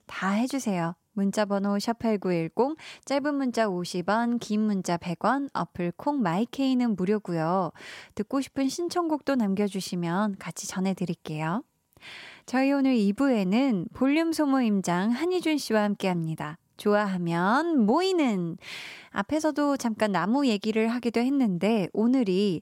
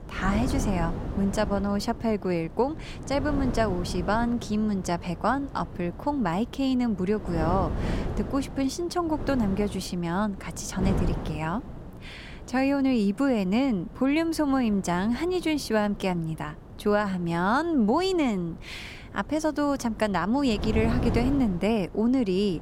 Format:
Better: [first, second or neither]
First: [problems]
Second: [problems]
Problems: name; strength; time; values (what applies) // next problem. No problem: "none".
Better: first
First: none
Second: wind noise on the microphone; occasional gusts; 15 dB below the speech